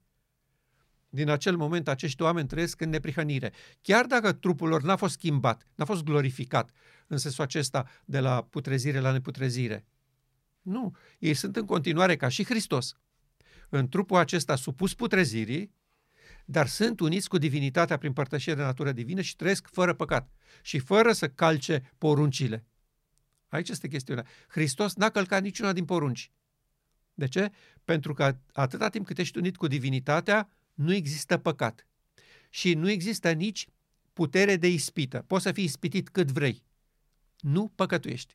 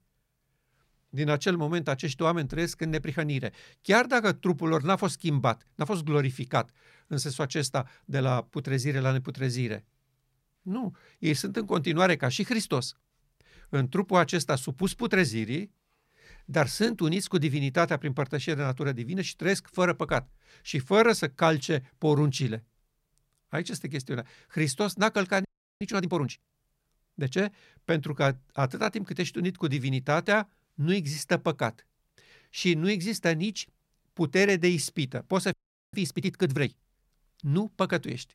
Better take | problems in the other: first | audio freezing; at 25 s and at 36 s

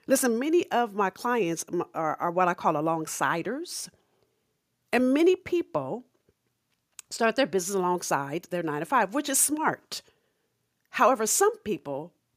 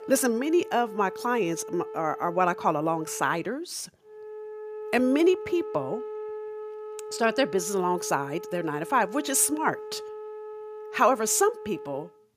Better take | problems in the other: first | background music; noticeable; throughout; 15 dB below the speech

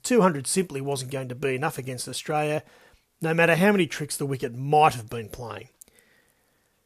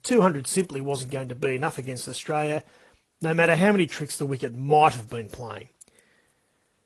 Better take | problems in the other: first | garbled, watery; slightly; nothing above 11.5 kHz

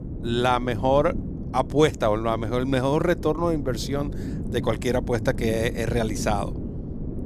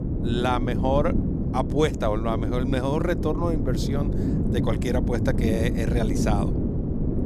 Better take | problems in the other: first | wind noise on the microphone; heavy; 5 dB below the speech; occasional gusts in the first

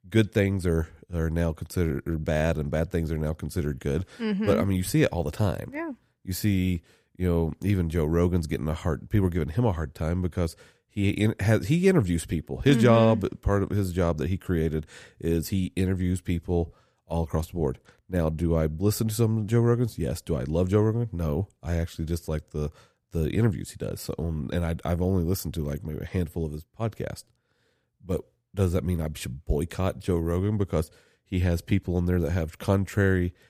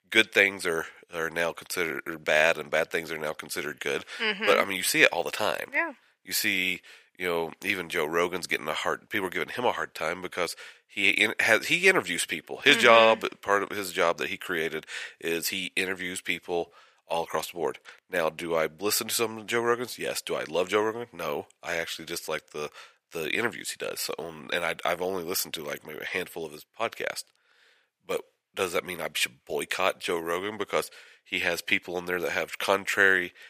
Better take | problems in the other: first | thin; very; fading below 600 Hz

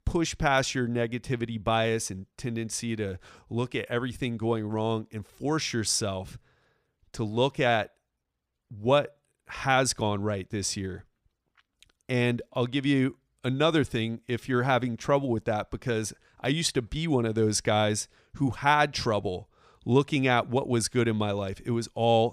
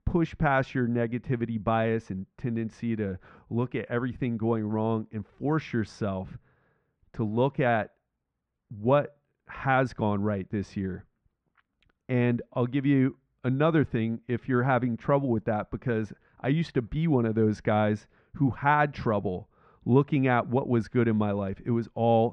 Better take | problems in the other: first | muffled; very; fading above 1.5 kHz

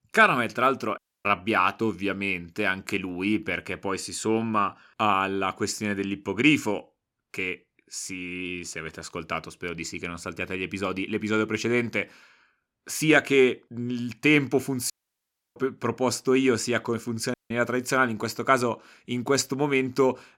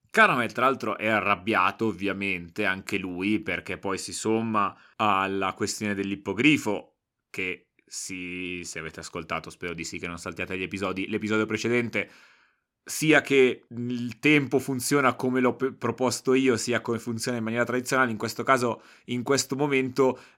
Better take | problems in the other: second | audio cutting out; at 1 s, at 15 s for 0.5 s and at 17 s

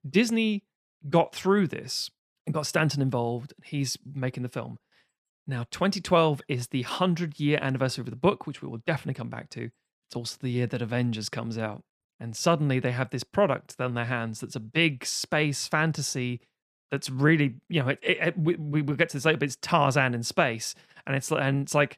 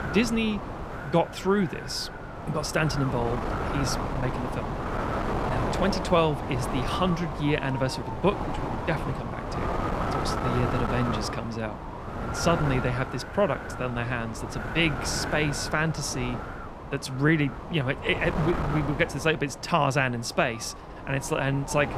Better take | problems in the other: first | wind noise on the microphone; heavy; 4 dB below the speech

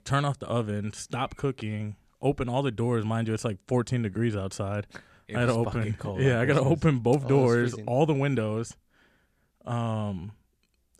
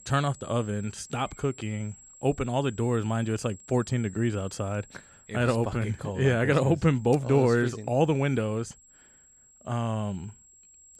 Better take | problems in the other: first | high-pitched whine; faint; throughout; 7.5 kHz, 25 dB below the speech

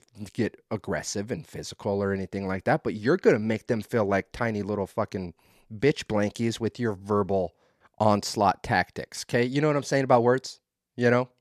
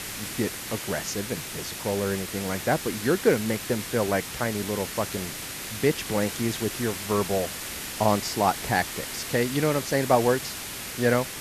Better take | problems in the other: first | hiss; loud; throughout; 6 dB below the speech

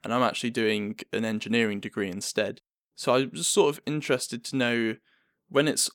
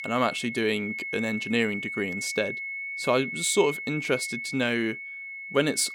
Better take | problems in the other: first | high-pitched whine; loud; throughout; 2 kHz, 6 dB below the speech

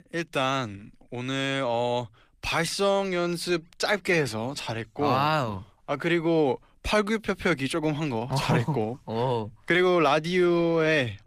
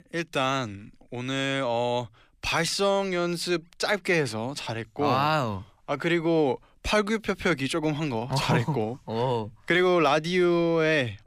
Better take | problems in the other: second | garbled, watery; slightly; nothing above 15 kHz

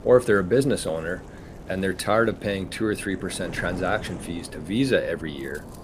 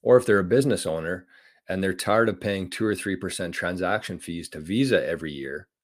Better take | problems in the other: second | wind noise on the microphone; occasional gusts; 20 dB below the speech

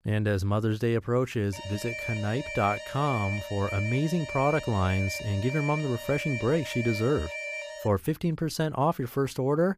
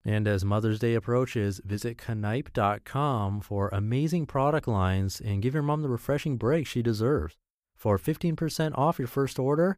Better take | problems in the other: second | alarm; noticeable; from 1.5 to 8 s; peak 5 dB below the speech

